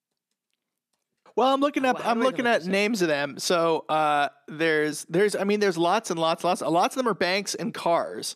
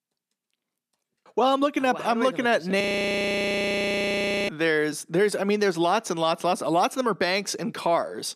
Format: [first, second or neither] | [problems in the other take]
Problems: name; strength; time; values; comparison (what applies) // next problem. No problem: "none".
first | audio freezing; at 3 s for 1.5 s